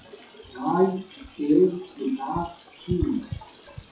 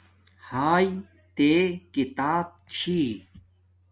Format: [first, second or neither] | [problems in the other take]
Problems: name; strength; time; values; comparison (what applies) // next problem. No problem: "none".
second | noise reduction (classical method WPE with log-MMSE)